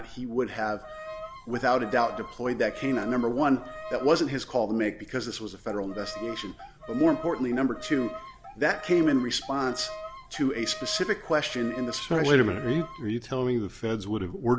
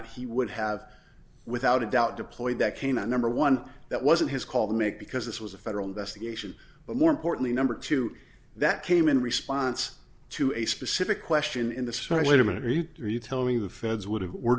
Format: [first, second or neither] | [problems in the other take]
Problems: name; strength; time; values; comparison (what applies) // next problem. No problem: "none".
second | background sound (Bowed string instrument); 14 dB below the speech